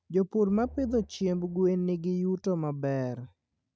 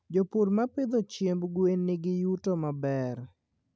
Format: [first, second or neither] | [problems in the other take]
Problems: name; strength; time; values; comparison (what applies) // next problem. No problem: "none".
second | noise reduction (neural mask model RNNoise)